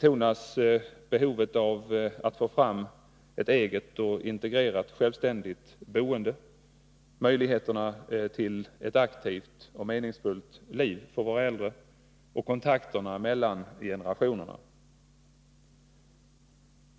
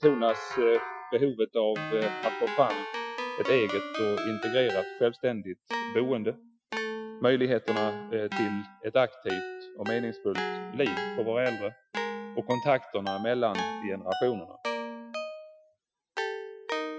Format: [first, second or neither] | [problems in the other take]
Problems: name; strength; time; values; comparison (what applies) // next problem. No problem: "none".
first | noise reduction (classical method Wiener filter)